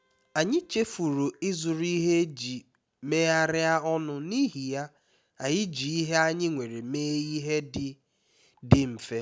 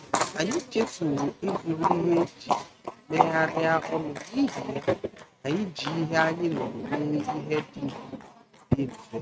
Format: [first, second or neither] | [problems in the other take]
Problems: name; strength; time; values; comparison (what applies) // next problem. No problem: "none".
first | noise reduction (neural mask model RNNoise)